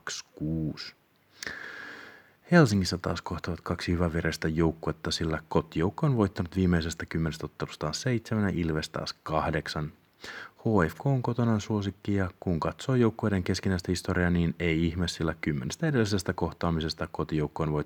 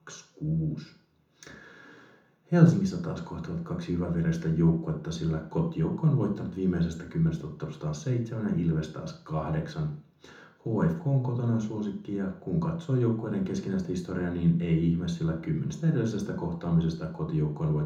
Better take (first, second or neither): first